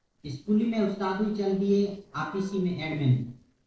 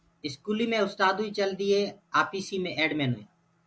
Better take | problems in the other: second | noise reduction (neural separator model SepFormer DNS4)

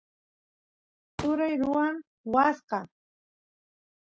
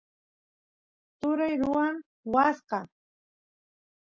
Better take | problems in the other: second | noise reduction (neural mask model RNNoise)

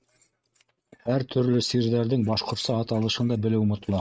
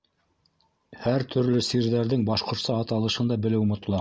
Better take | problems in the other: second | noise reduction (neural mask model RNNoise)

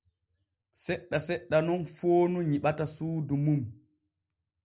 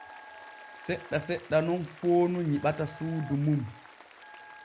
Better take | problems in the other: first | background sound (Applause + Telephone); 18 dB below the speech

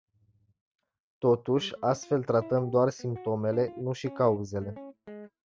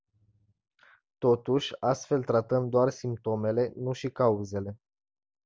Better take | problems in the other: second | noise reduction (neural mask model RNNoise)

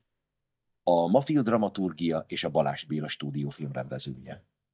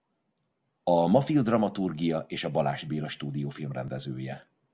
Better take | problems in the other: second | noise reduction (neural mask model DeepFilterNet 3)

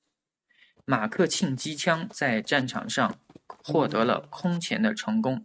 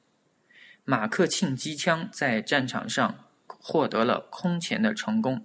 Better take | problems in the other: second | noise reduction (neural mask model RNNoise)

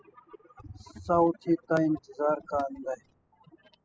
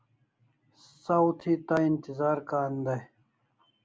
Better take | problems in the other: second | noise reduction (classical method spectral subtraction)

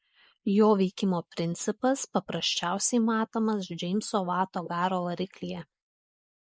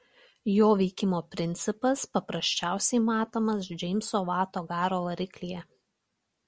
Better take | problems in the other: second | noise reduction (neural mask model Resemble Enhance denoiser)

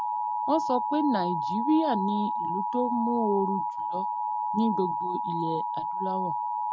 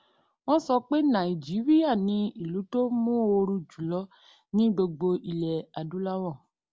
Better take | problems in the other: second | noise reduction (neural mask model RNNoise)

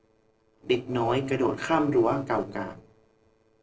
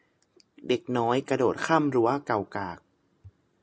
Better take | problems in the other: second | noise reduction (neural separator model SepFormer DNS4)

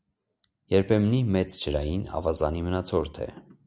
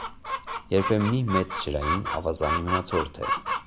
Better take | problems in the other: first | background sound (Chicken, rooster); 3 dB below the speech

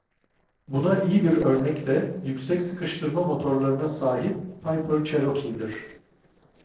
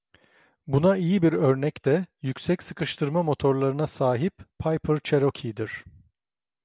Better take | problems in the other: second | noise reduction (neural separator model SepFormer DNS4)

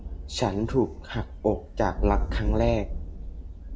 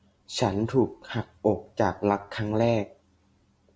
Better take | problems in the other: second | background sound (Thunder); 2 dB below the speech

